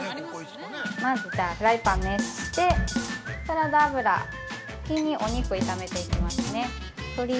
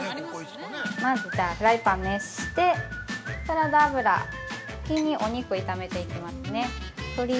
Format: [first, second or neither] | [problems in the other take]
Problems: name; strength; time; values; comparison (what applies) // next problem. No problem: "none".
second | background sound (Drum kit); 4 dB below the speech